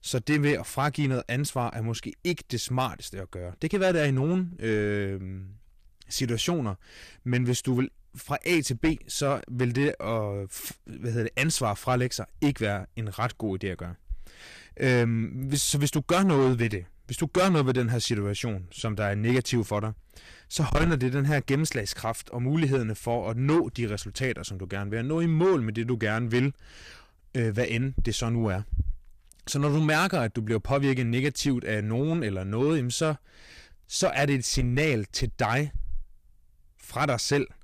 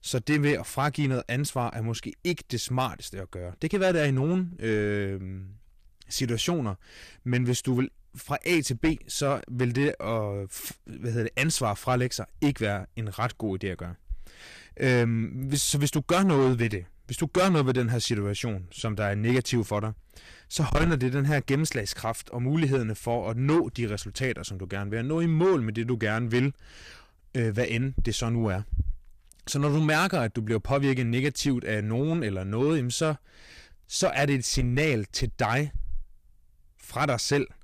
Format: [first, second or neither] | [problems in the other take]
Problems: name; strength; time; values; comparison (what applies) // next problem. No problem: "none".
neither | distortion; slight; 10 dB below the speech; the same in both